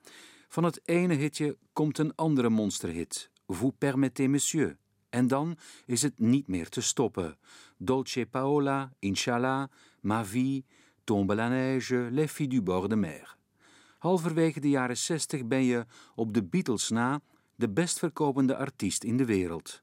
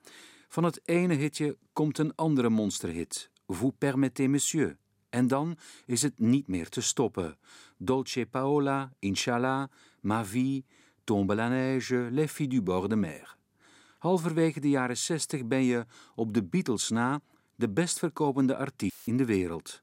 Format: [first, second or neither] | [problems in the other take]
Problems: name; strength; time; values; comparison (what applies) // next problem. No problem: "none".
first | audio cutting out; filled with static; at 19 s